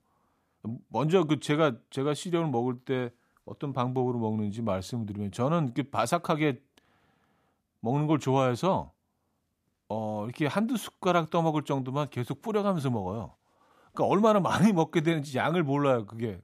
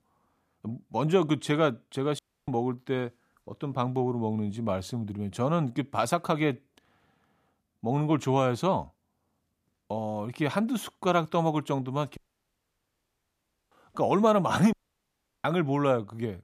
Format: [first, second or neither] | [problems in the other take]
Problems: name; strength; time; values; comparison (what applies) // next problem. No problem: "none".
first | audio cutting out; at 2 s, at 12 s for 1.5 s and at 15 s for 0.5 s